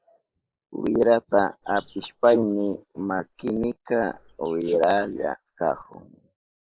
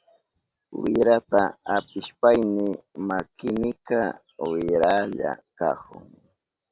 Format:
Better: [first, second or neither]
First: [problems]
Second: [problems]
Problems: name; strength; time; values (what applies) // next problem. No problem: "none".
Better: second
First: noise reduction (neural mask model Resemble Enhance denoiser)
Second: none